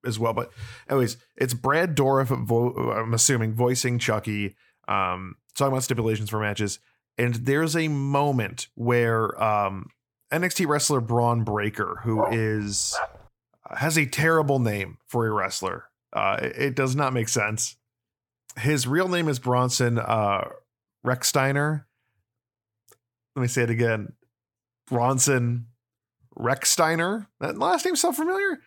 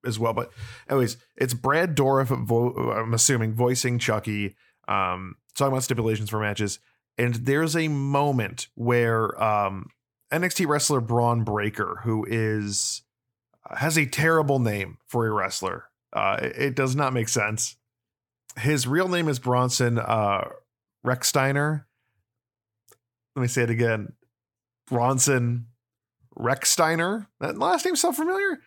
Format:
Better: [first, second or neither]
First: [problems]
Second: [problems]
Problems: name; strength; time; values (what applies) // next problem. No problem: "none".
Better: second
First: dog barking; noticeable; at 12 s; peak 4 dB below the speech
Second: none